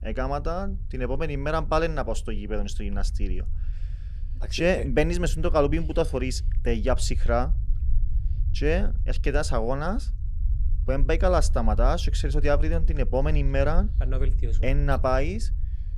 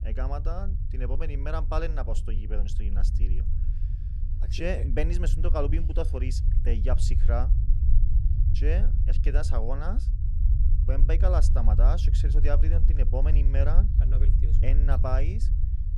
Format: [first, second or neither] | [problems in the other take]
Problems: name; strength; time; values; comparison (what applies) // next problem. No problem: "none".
first | low rumble; loud; throughout; 9 dB below the speech; faint in the first